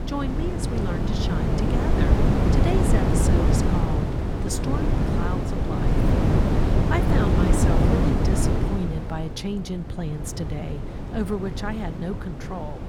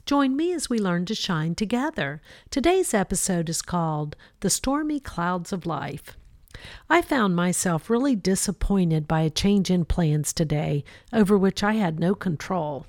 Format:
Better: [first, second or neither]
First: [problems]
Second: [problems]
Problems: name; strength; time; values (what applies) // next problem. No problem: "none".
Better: second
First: wind noise on the microphone; heavy; 4 dB above the speech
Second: none